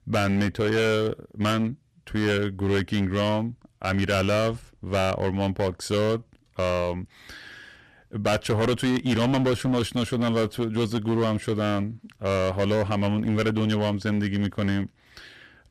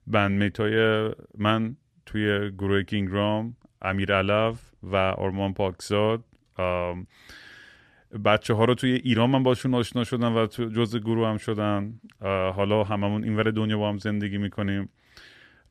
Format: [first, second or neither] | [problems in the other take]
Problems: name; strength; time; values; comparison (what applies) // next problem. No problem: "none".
second | distortion; heavy; 15% of the sound clipped